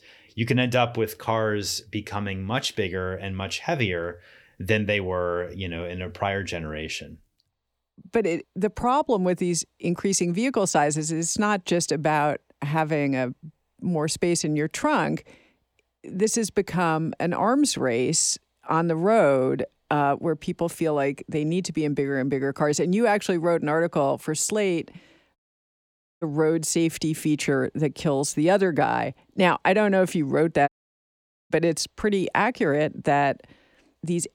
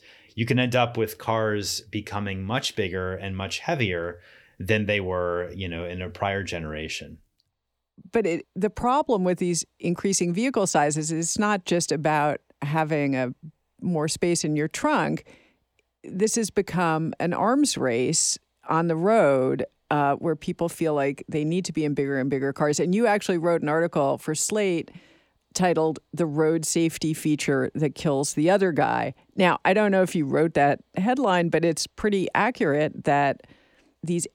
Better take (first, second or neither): second